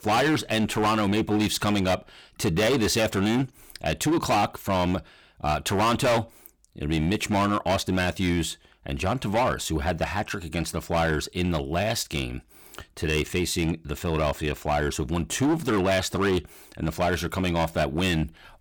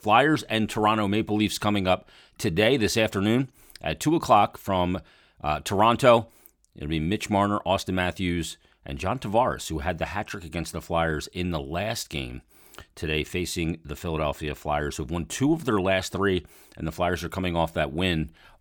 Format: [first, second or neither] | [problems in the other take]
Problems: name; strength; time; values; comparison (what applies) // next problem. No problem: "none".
second | distortion; heavy; 12% of the sound clipped